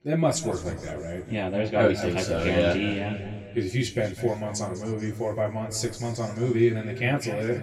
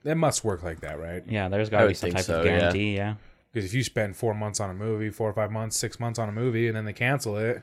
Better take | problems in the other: second | room echo; slight; dies away in 2.2 s // off-mic speech; far

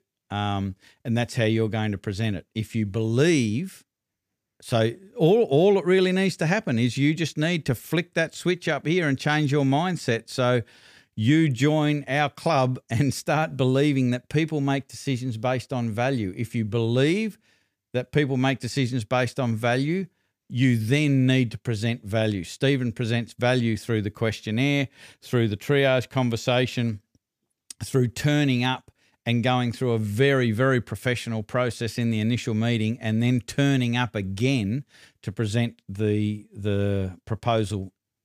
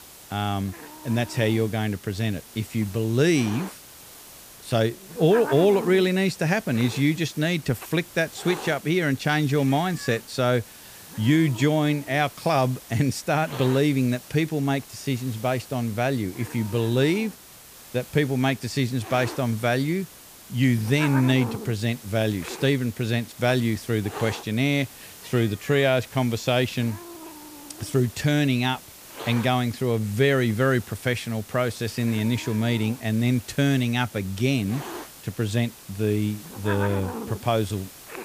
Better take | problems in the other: first | hiss; noticeable; throughout; 15 dB below the speech

